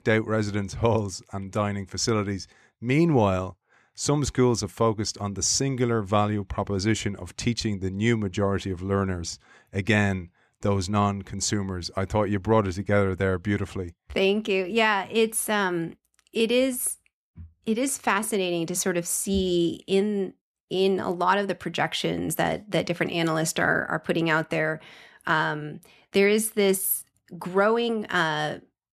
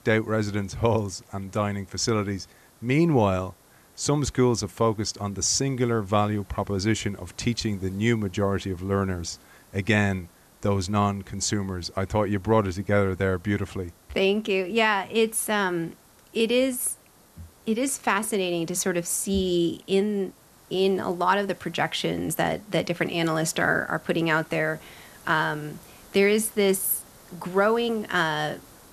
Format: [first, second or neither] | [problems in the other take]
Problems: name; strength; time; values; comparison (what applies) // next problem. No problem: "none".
first | hiss; faint; throughout; 25 dB below the speech